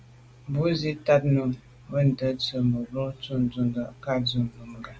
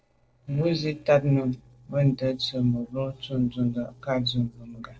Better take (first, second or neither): first